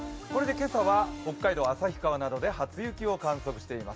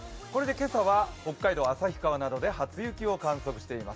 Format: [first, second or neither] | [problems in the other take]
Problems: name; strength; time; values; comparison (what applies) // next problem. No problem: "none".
second | background sound (Piano); 13 dB below the speech